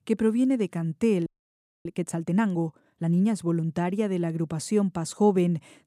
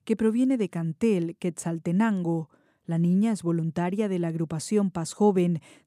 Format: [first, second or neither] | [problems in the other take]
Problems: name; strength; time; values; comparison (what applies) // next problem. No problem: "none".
second | audio freezing; at 1.5 s for 0.5 s